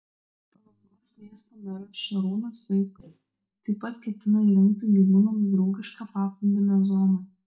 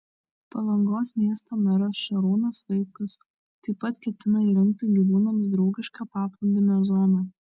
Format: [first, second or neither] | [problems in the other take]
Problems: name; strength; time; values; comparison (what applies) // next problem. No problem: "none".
second | noise reduction (neural mask model DeepFilterNet 3)